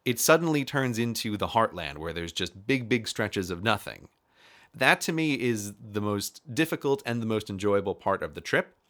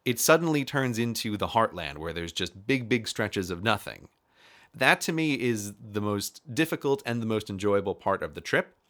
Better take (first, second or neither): neither